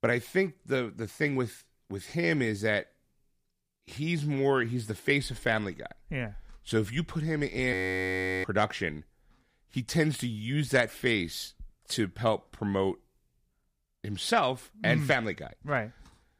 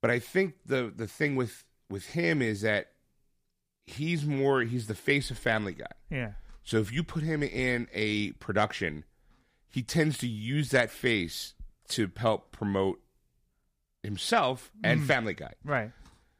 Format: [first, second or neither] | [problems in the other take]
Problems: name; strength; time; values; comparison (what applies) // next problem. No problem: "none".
second | audio freezing; at 7.5 s for 0.5 s